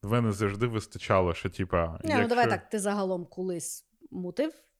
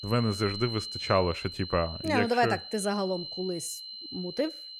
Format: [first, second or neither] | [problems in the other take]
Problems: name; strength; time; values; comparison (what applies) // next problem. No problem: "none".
first | high-pitched whine; loud; throughout; 4 kHz, 8 dB below the speech